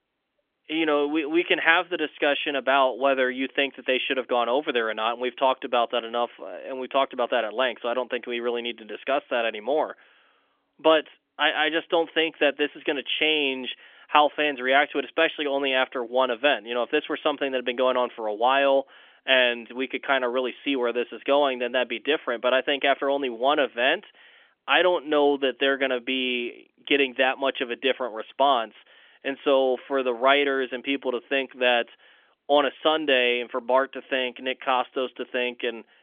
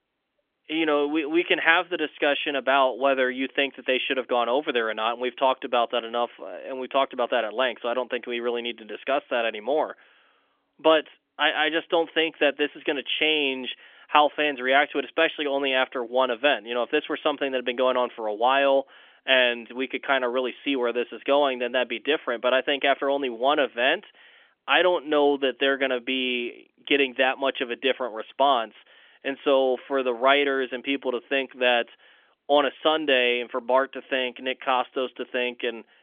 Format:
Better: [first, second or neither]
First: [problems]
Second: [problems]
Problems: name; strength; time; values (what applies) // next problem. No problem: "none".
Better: neither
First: phone-call audio; nothing above 3.5 kHz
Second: phone-call audio; nothing above 3.5 kHz